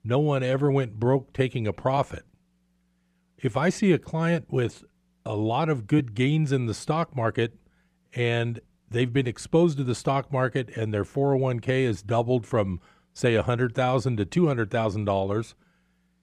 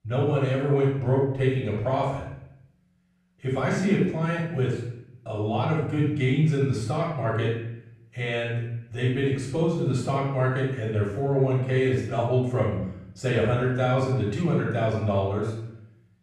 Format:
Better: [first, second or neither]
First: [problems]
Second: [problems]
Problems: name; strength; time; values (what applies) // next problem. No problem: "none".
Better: first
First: none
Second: room echo; noticeable; dies away in 0.7 s // off-mic speech; far